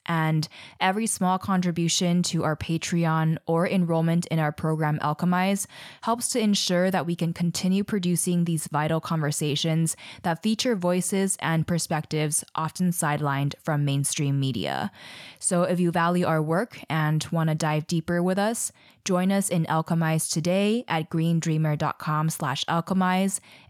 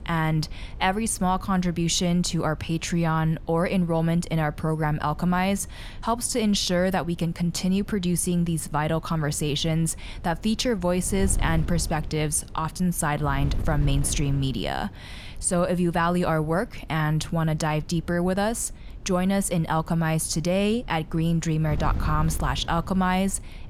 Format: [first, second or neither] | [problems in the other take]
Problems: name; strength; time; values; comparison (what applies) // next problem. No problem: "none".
first | wind noise on the microphone; occasional gusts; 20 dB below the speech